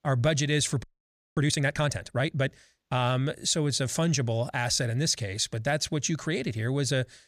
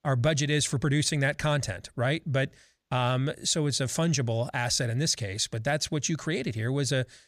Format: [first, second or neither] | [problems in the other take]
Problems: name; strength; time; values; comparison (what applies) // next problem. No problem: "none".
second | audio freezing; at 1 s for 0.5 s